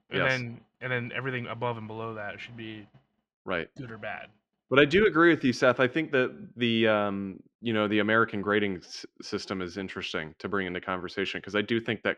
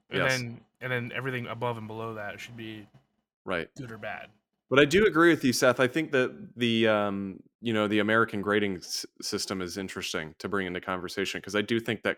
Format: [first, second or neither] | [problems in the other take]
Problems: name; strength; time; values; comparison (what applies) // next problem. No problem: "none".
second | muffled; slightly; fading above 3 kHz